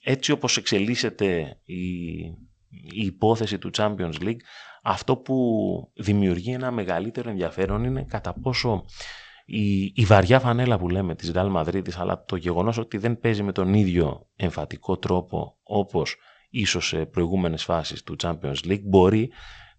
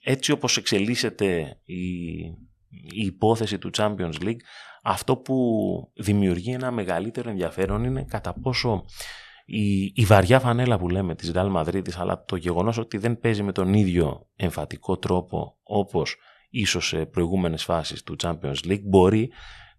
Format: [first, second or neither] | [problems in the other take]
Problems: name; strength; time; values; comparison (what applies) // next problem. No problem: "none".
second | garbled, watery; slightly